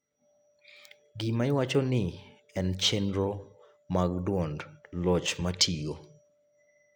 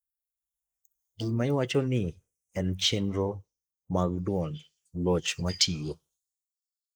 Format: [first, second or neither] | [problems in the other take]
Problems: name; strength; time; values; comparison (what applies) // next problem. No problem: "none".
first | noise reduction (neural mask model Resemble Enhance denoiser)